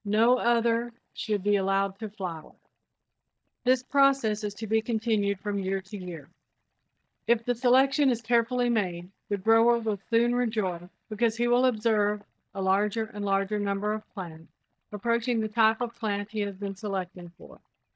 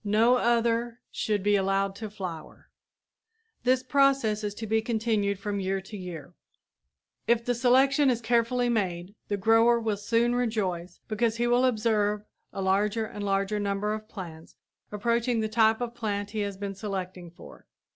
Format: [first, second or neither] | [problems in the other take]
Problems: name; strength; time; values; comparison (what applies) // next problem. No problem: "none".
second | noise reduction (neural mask model DeepFilterNet 3)